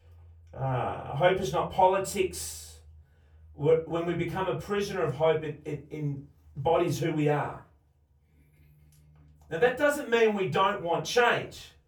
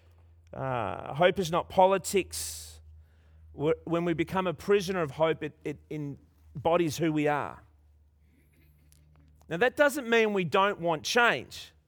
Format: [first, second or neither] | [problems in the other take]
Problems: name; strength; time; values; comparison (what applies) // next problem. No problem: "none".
second | off-mic speech; far // room echo; very slight; dies away in 0.2 s